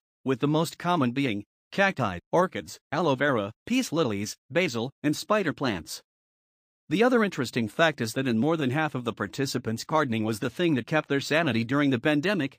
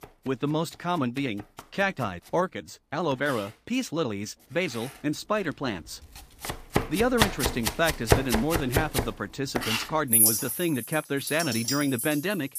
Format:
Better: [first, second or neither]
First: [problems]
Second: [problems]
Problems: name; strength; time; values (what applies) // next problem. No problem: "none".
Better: first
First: none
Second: household noises; very loud; throughout; 2 dB above the speech